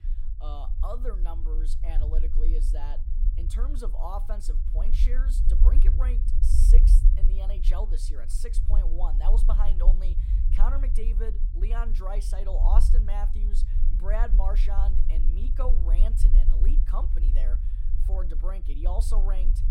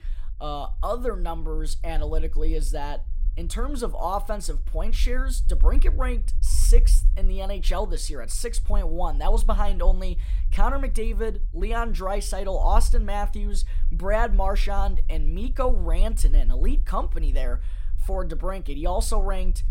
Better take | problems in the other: second | low rumble; loud; throughout; 8 dB below the speech; faint in the second

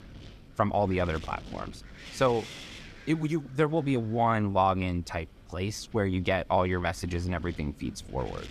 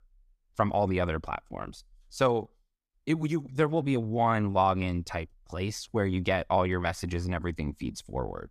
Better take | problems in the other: second | wind noise on the microphone; occasional gusts; 20 dB below the speech

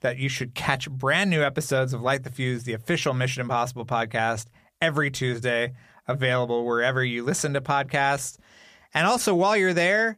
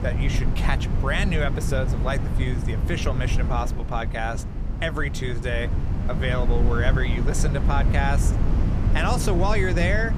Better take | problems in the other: first | low rumble; loud; throughout; 8 dB below the speech

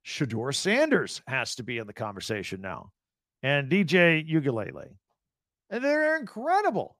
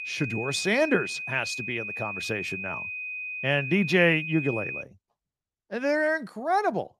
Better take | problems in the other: first | high-pitched whine; loud; until 5 s; 2.5 kHz, 6 dB below the speech

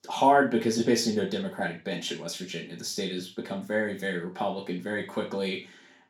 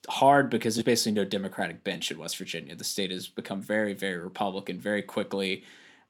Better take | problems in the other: second | room echo; slight; dies away in 0.3 s // off-mic speech; somewhat distant

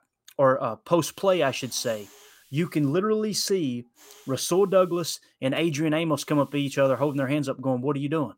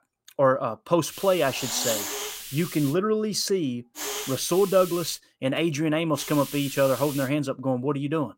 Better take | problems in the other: first | hiss; loud; from 1 to 3 s, from 4 to 5 s and from 6 to 7.5 s; 8 dB below the speech; faint in the first

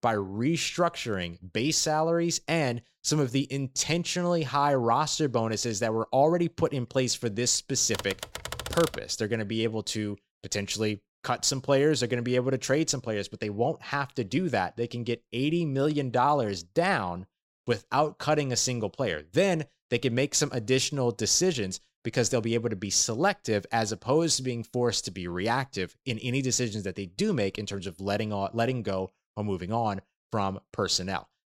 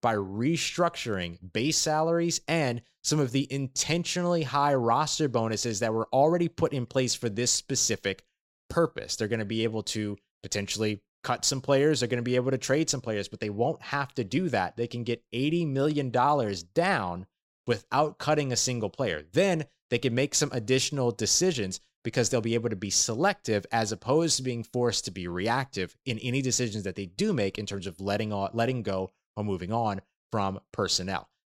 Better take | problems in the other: second | keyboard typing; noticeable; from 8 to 9 s; peak 6 dB below the speech

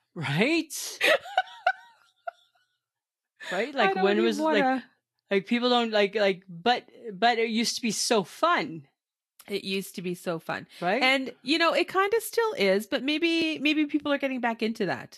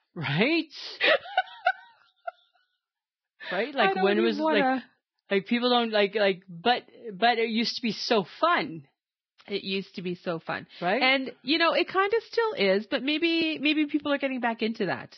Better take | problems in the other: first | garbled, watery; badly; nothing above 5.5 kHz; slightly in the first

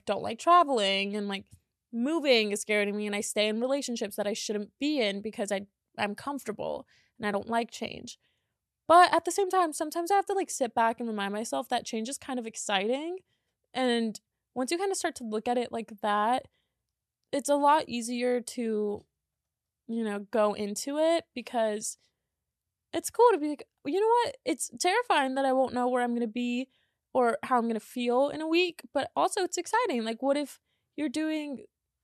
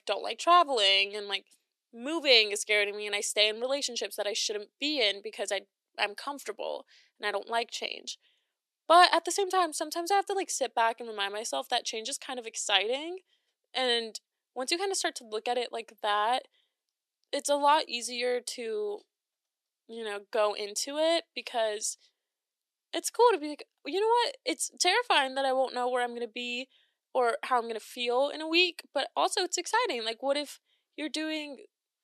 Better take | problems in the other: first | thin; somewhat; fading below 300 Hz

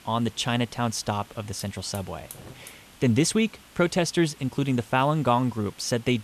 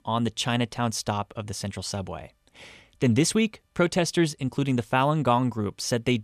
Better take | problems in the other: second | hiss; faint; throughout; 20 dB below the speech

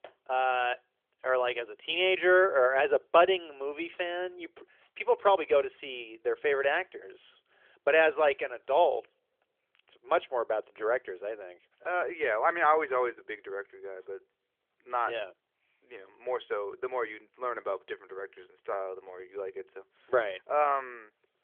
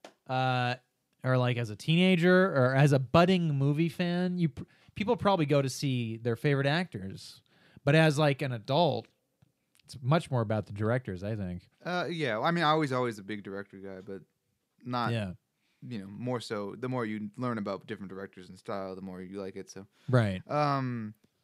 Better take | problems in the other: second | phone-call audio; nothing above 3.5 kHz

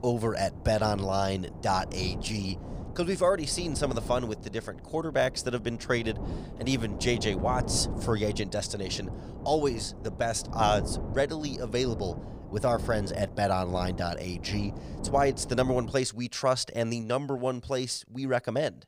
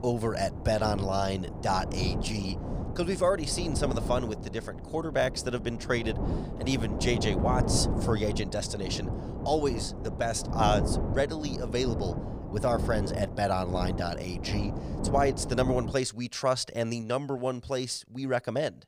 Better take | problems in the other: first | wind noise on the microphone; heavy; until 16 s; 9 dB below the speech; occasional gusts in the first

